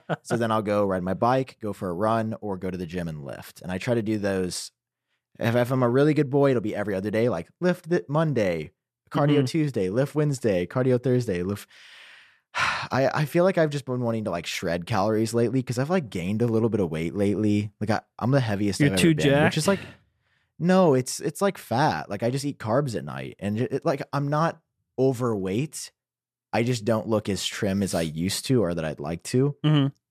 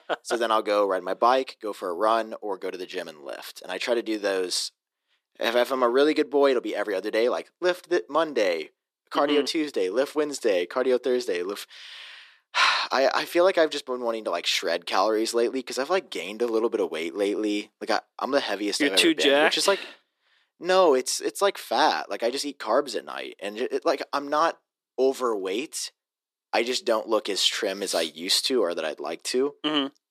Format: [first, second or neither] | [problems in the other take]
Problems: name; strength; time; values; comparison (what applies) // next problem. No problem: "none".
first | thin; somewhat; fading below 300 Hz